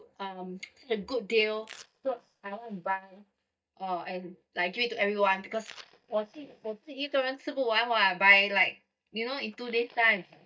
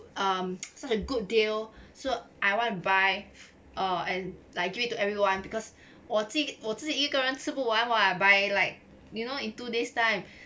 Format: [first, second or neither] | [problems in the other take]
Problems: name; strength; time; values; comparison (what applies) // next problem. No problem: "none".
second | noise reduction (neural mask model DeepFilterNet 3)